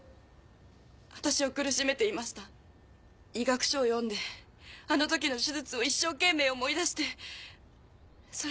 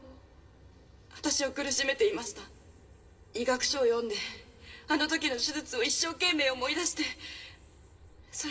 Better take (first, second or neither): first